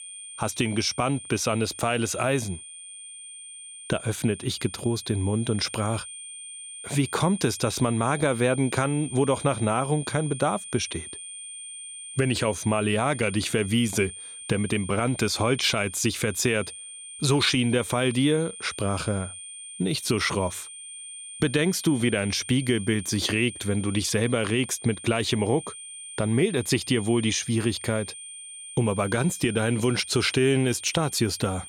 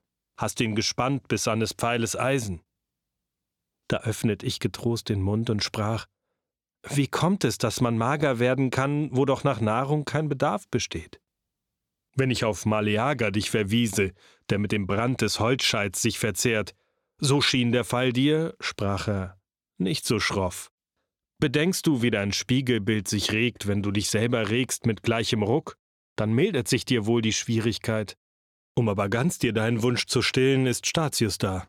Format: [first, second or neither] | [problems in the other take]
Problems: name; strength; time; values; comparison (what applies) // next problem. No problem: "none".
second | high-pitched whine; noticeable; throughout; 9 kHz, 10 dB below the speech